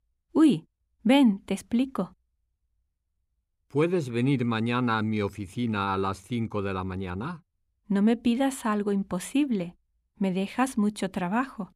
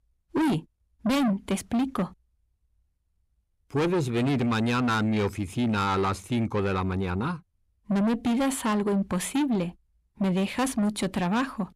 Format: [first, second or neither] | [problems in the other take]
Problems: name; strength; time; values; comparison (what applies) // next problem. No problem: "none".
first | distortion; heavy; 6 dB below the speech